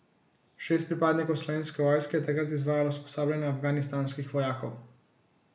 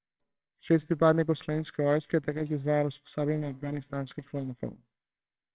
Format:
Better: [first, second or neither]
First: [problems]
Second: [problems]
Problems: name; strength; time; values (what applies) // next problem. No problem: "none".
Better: first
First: none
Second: noise reduction (neural separator model SepFormer WHAMR!)